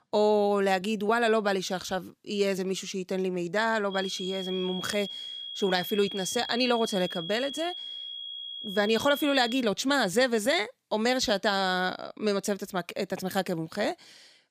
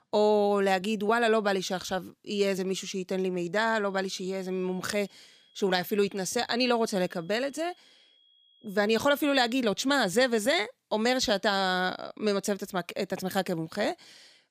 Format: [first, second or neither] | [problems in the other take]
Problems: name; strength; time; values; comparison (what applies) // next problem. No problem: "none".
second | high-pitched whine; loud; from 4 to 9.5 s; 3.5 kHz, 8 dB below the speech; faint in the second